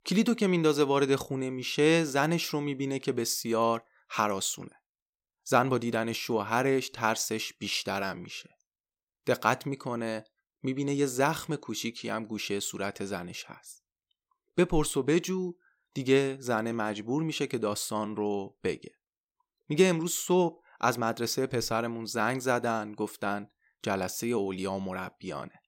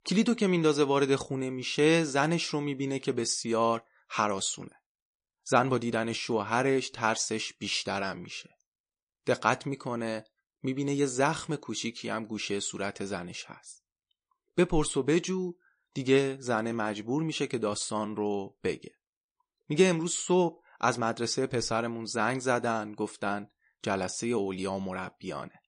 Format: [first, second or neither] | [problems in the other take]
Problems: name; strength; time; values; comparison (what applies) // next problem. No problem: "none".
first | garbled, watery; slightly; nothing above 9 kHz